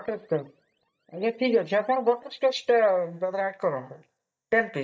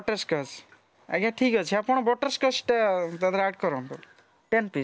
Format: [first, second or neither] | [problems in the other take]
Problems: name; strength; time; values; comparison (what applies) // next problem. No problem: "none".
second | noise reduction (neural mask model DeepFilterNet 3)